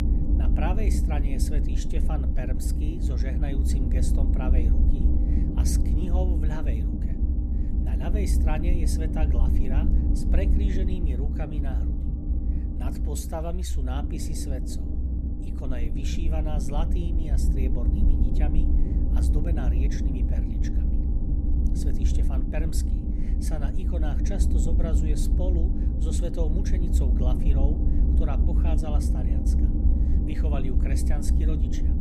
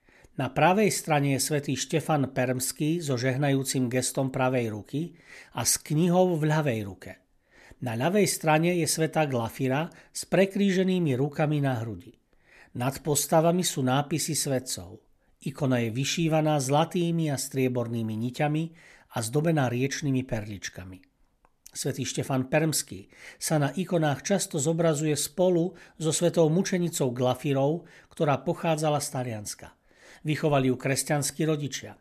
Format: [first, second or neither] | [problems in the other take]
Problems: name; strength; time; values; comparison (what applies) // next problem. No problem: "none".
second | low rumble; loud; throughout; 1 dB below the speech